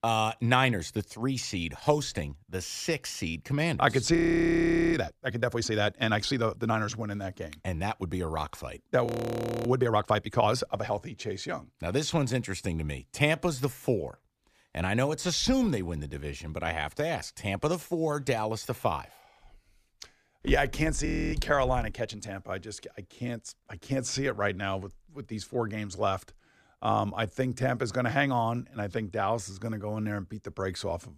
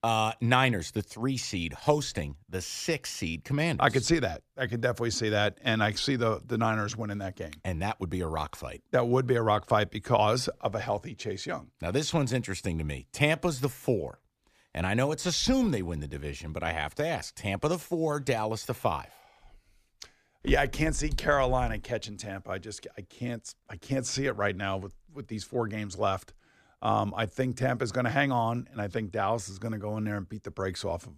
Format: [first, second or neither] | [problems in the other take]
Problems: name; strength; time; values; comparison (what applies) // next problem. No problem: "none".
second | audio freezing; at 4 s for 1 s, at 9 s for 0.5 s and at 21 s